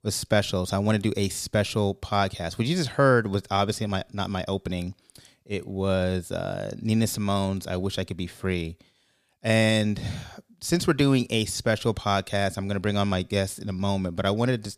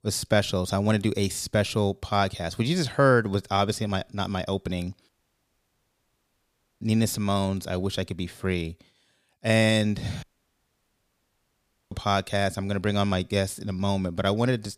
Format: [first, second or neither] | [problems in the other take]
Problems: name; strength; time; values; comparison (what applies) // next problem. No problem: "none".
first | audio cutting out; at 5 s for 1.5 s and at 10 s for 1.5 s